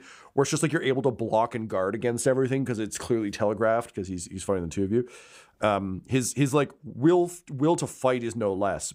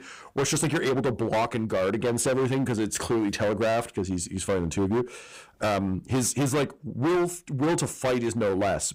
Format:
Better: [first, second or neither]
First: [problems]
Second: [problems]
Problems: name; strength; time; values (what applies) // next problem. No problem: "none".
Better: first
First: none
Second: distortion; heavy; 19% of the sound clipped